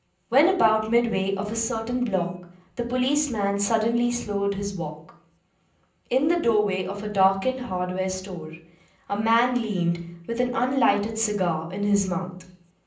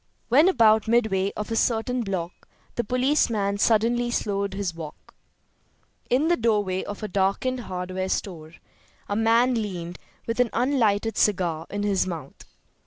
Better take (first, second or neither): second